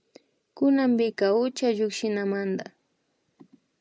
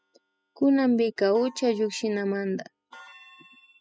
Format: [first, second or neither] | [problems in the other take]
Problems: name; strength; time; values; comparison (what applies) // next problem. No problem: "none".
first | noise reduction (classical method spectral subtraction)